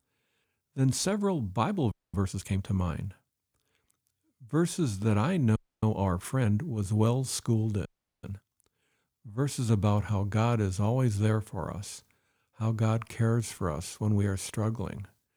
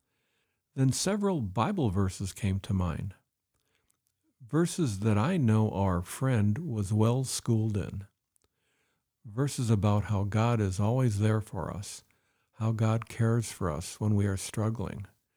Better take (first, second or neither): second